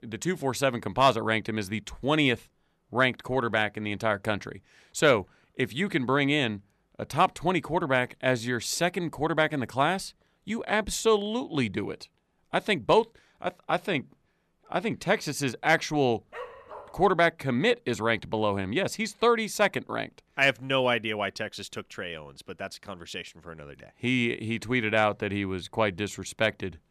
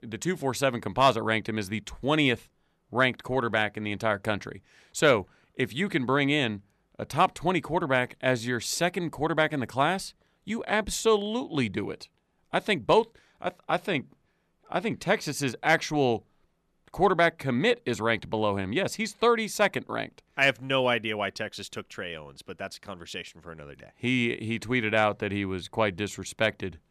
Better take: second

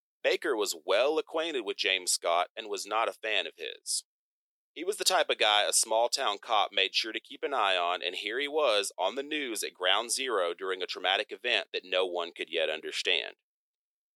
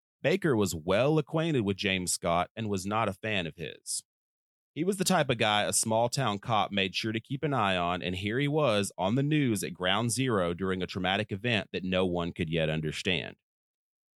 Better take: second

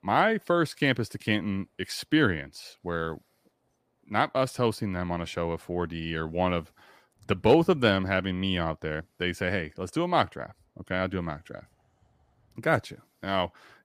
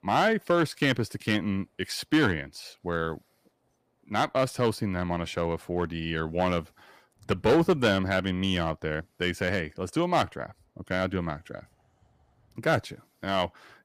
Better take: first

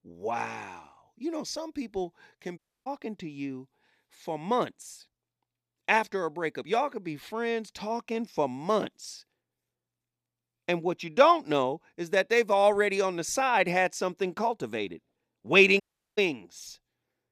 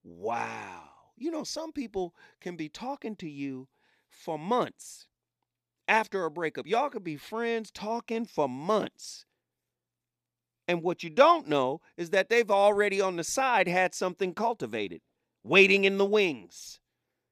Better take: second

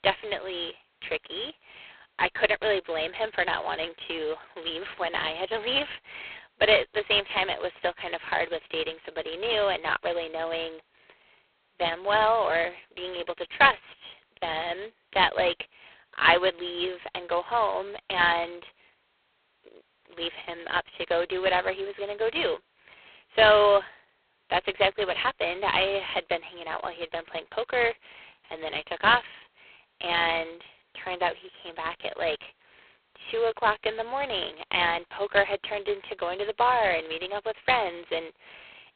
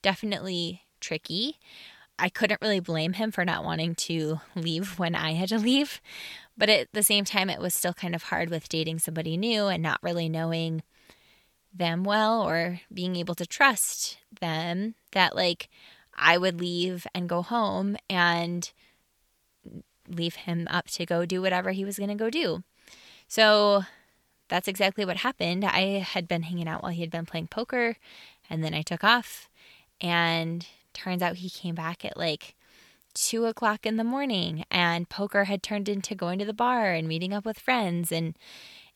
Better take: second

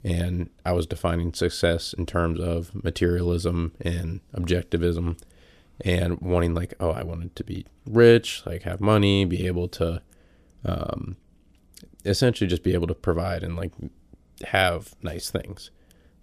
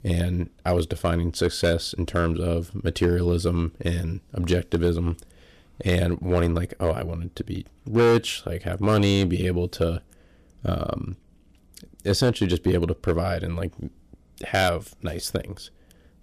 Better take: first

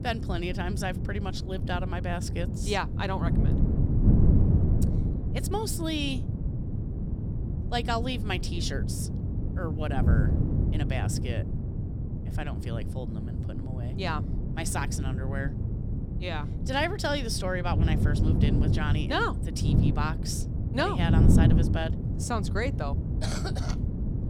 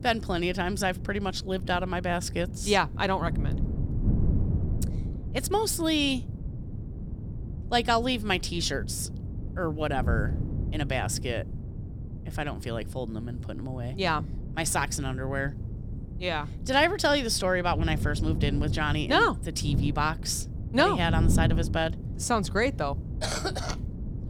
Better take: second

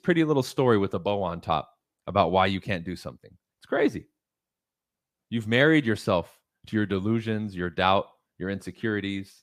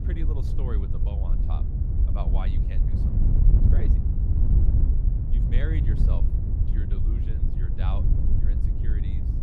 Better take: first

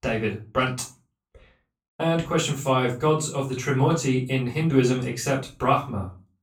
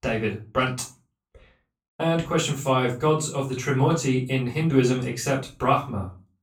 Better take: neither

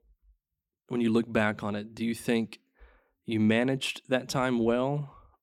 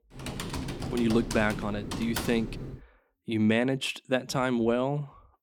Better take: first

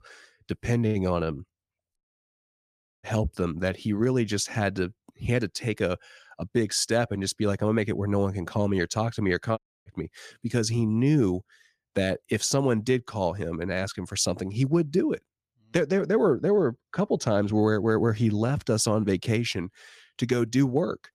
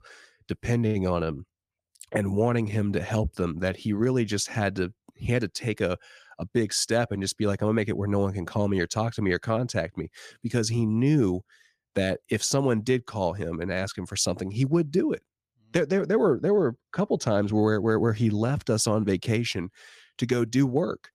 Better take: second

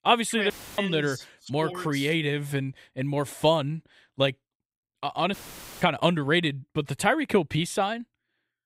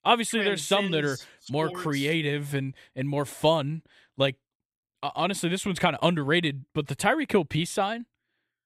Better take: second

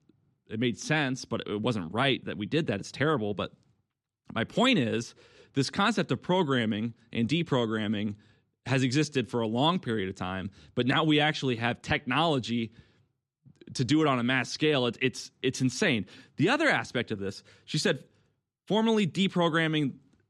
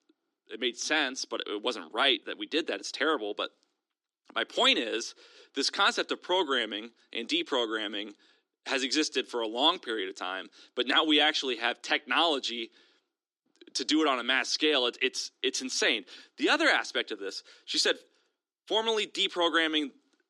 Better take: first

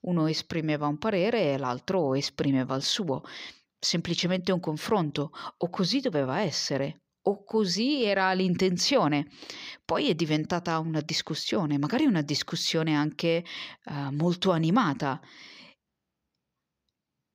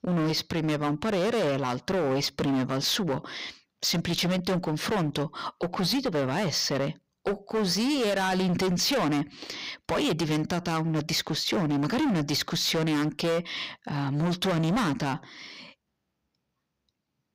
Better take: first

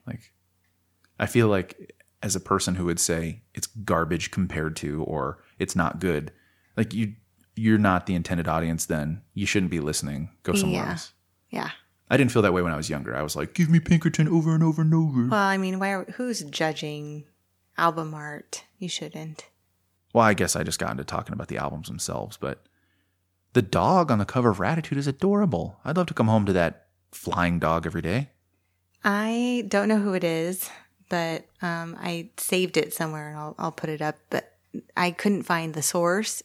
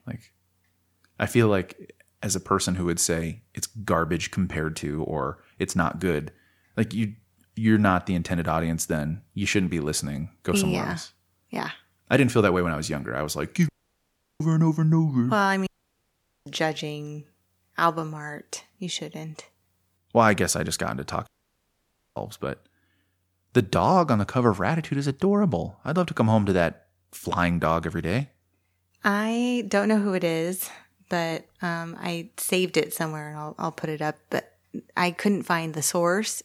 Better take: first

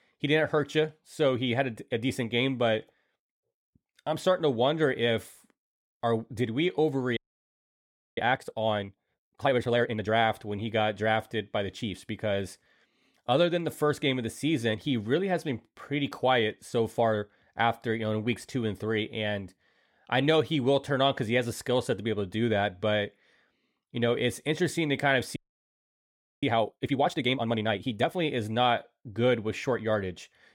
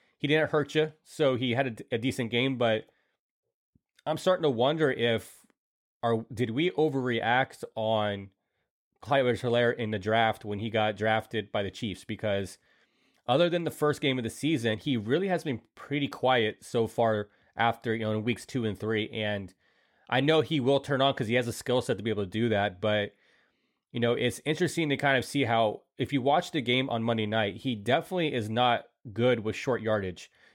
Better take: second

